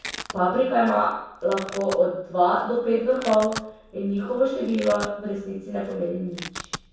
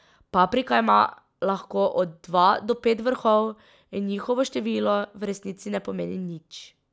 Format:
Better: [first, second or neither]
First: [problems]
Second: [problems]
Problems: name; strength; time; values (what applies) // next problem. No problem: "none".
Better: second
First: background sound (Domestic sounds, home sounds); 16 dB below the speech // room echo; dies away in 0.7 s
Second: none